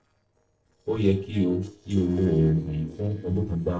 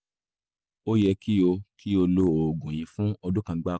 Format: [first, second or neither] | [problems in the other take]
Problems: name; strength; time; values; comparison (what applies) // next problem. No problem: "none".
second | noise reduction (neural separator model SepFormer DNS4)